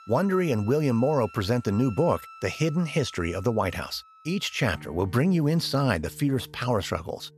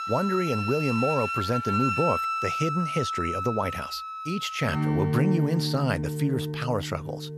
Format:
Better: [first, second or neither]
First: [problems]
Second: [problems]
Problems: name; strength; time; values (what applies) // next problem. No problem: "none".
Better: first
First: background music; faint; throughout; 20 dB below the speech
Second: background music; loud; throughout; 1 dB below the speech